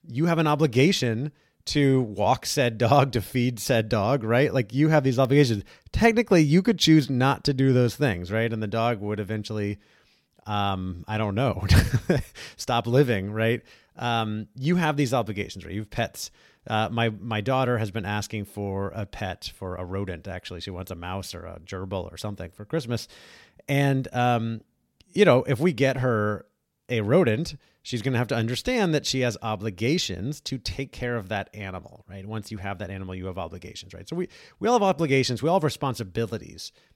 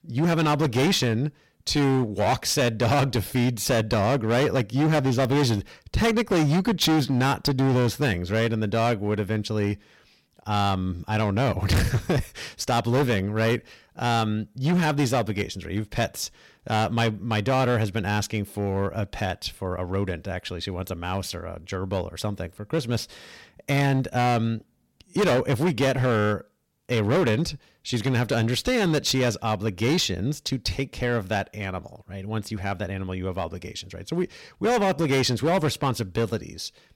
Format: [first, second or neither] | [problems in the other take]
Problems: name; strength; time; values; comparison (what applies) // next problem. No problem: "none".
first | distortion; heavy; 12% of the sound clipped